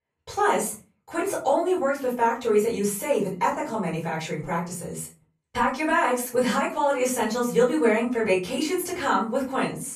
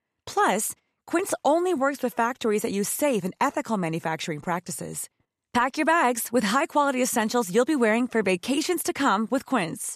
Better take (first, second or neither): second